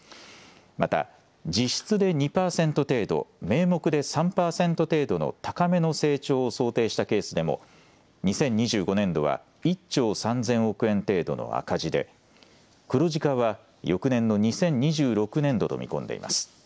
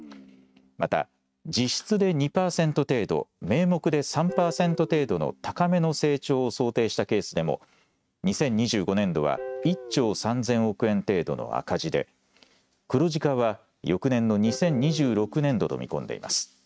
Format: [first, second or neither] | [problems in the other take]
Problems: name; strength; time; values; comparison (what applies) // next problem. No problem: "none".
first | noise reduction (neural mask model RNNoise)